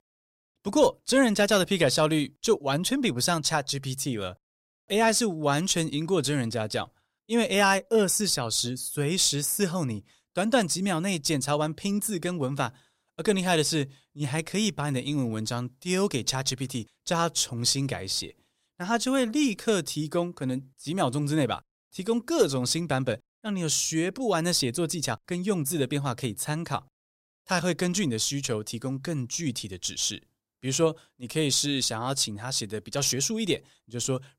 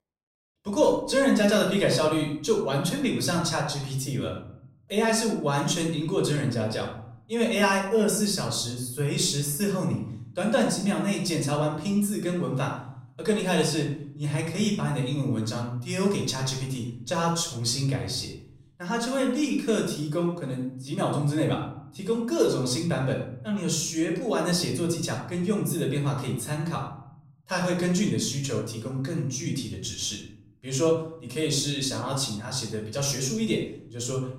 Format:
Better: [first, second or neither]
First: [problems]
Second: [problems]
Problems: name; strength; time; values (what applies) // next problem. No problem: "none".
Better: first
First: none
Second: off-mic speech; somewhat distant // room echo; noticeable; dies away in 0.7 s